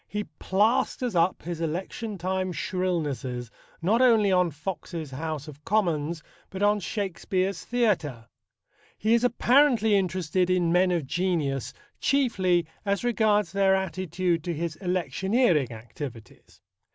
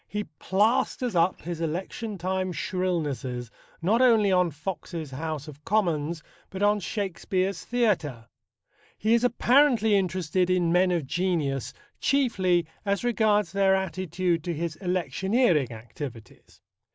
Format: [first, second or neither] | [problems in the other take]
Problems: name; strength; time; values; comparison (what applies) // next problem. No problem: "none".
first | noise reduction (neural mask model Resemble Enhance denoiser)